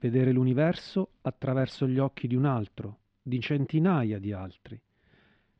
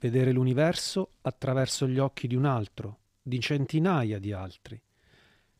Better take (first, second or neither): second